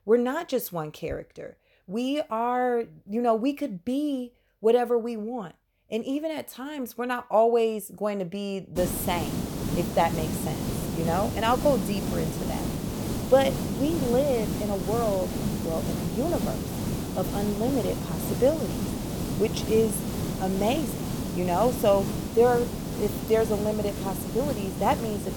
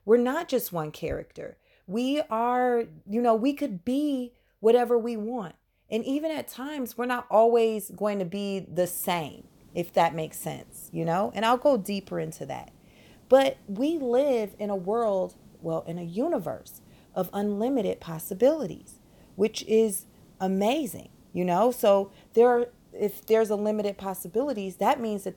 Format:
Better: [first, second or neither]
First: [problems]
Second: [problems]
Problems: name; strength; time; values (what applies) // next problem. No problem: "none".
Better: second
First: hiss; loud; from 9 s on; 4 dB below the speech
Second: hiss; faint; from 9 s on; 30 dB below the speech